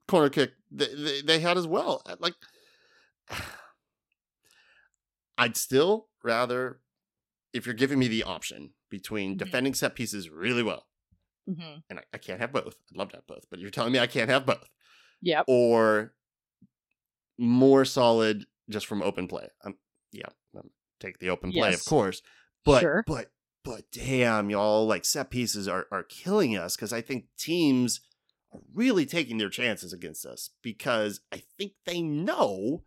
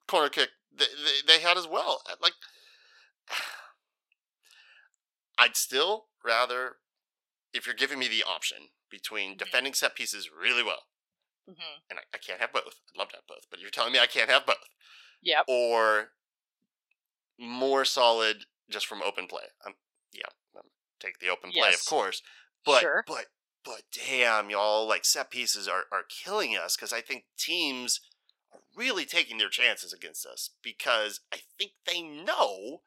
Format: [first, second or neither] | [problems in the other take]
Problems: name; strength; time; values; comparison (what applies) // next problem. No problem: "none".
first | thin; very; fading below 750 Hz